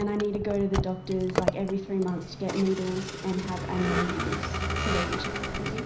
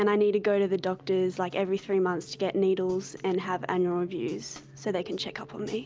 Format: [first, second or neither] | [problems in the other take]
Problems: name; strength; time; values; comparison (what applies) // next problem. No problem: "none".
second | background sound (Vehicle); 2 dB below the speech // room echo; dies away in 0.5 s